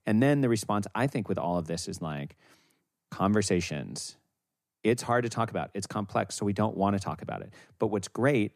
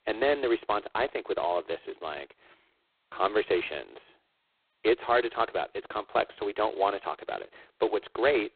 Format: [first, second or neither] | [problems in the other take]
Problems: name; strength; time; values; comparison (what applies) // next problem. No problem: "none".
first | phone-call audio; poor line; nothing above 4 kHz